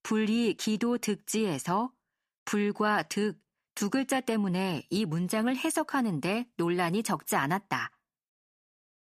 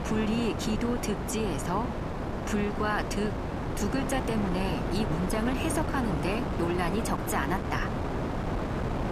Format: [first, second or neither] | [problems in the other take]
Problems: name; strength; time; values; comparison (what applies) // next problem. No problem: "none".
first | wind noise on the microphone; heavy; 2 dB below the speech